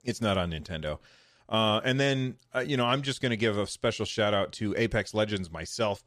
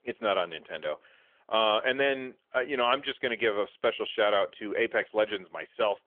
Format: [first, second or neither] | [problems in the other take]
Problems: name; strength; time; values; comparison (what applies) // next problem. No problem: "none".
first | phone-call audio; nothing above 3.5 kHz